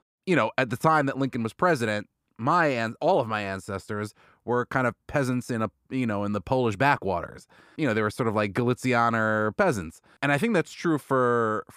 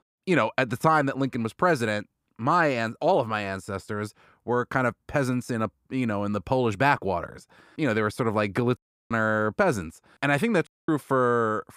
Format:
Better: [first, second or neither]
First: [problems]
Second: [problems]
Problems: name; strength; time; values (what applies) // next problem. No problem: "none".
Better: first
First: none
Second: audio cutting out; at 9 s and at 11 s